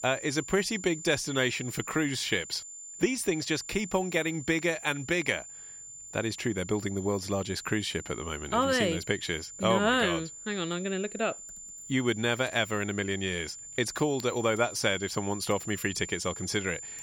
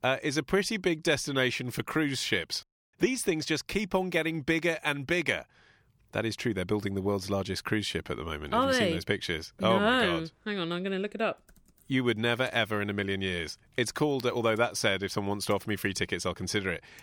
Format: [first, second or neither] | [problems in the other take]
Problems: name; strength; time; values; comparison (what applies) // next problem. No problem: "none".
second | high-pitched whine; noticeable; throughout; 7 kHz, 10 dB below the speech